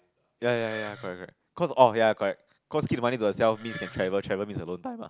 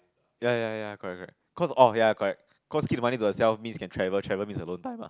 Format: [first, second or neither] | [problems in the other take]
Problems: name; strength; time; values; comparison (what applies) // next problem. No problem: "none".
second | background sound (Wood); 16 dB below the speech